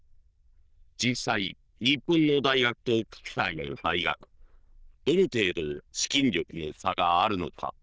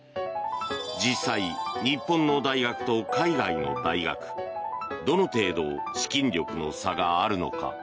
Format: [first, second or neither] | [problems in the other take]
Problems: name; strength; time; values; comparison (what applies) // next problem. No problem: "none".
second | noise reduction (neural diffusion model UNIVERSE++)